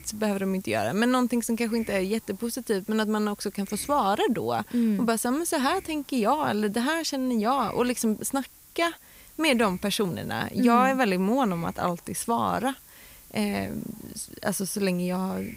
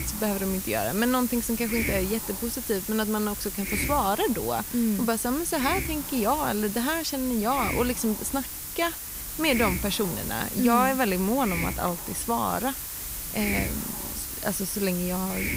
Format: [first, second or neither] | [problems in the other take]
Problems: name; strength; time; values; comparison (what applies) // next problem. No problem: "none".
first | hiss; loud; throughout; 4 dB below the speech; faint in the first